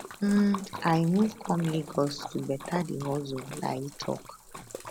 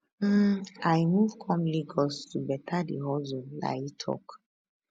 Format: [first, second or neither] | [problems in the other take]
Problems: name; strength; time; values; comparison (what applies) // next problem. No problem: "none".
second | background sound (Splash, splatter); 13 dB below the speech